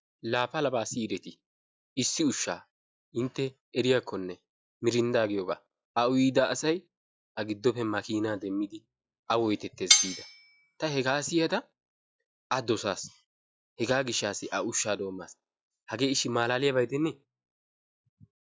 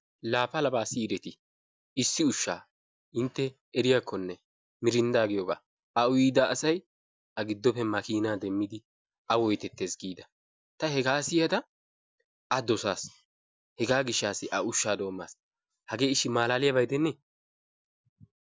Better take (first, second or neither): second